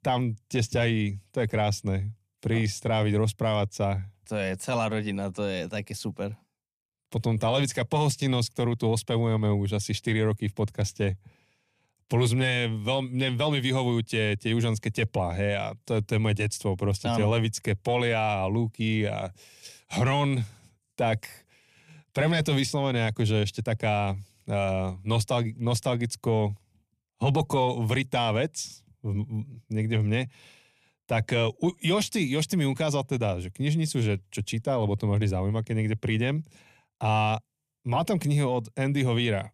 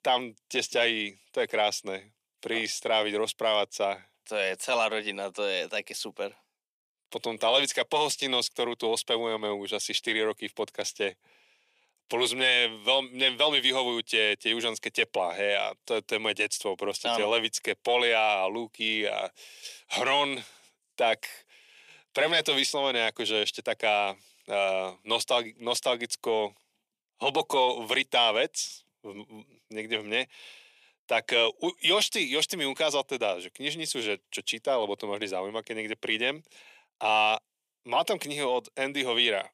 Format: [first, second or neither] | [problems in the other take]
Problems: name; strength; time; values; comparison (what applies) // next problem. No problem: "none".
first | thin; very; fading below 400 Hz